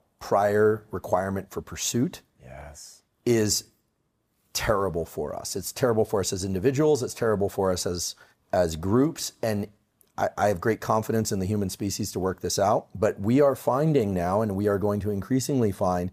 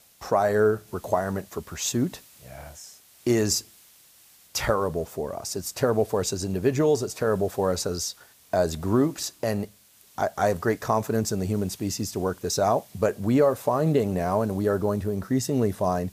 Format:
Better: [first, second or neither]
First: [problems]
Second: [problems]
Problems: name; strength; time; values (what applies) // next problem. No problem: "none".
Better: first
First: none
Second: hiss; faint; throughout; 25 dB below the speech